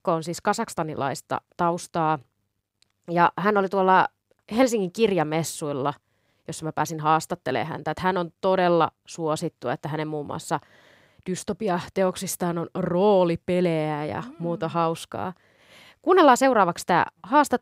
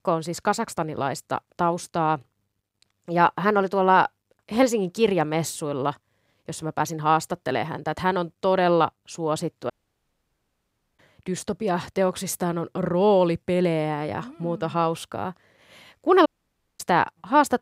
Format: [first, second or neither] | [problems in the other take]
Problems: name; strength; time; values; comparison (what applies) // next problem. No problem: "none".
first | audio cutting out; at 9.5 s for 1.5 s and at 16 s for 0.5 s